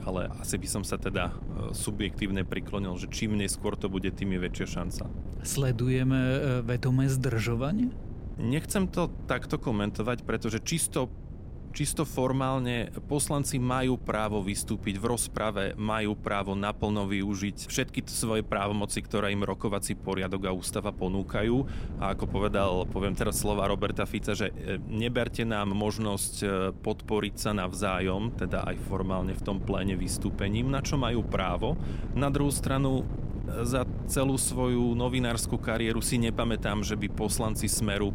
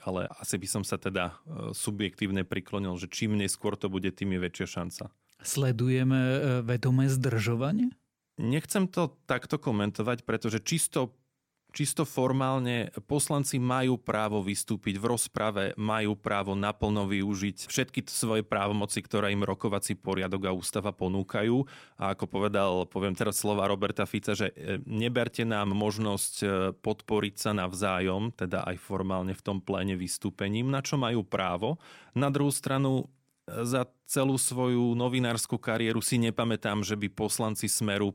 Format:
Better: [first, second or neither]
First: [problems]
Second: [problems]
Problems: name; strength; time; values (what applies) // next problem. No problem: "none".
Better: second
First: wind noise on the microphone; occasional gusts; 15 dB below the speech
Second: none